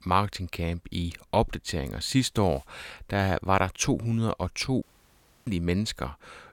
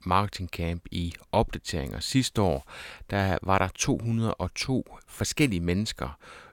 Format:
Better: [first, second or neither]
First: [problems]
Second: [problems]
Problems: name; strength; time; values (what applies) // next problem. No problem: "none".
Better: second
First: audio cutting out; at 5 s for 0.5 s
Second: none